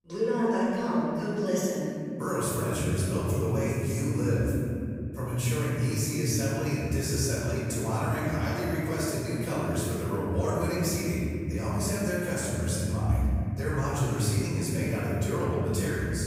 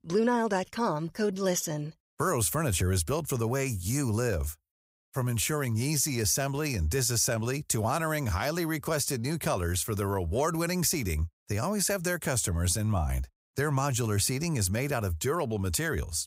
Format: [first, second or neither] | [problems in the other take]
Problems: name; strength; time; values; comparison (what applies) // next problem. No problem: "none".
second | room echo; strong; dies away in 3 s // off-mic speech; far